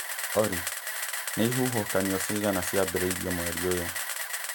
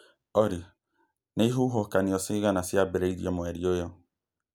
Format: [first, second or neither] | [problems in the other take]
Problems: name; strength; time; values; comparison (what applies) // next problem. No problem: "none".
second | background sound (Camera); 3 dB below the speech